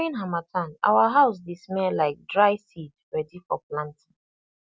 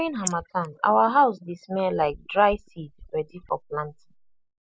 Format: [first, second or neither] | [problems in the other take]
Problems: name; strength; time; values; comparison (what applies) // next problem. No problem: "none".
first | noise reduction (neural mask model Resemble Enhance denoiser)